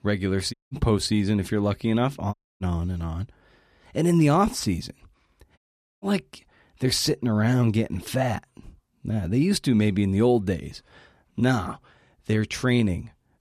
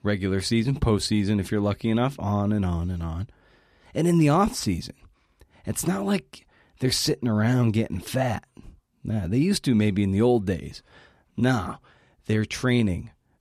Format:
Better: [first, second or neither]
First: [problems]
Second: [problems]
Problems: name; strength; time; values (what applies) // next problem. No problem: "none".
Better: second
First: audio cutting out; at 0.5 s, at 2.5 s and at 5.5 s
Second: none